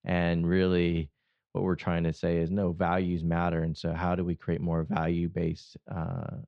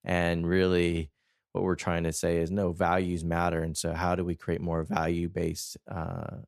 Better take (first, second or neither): second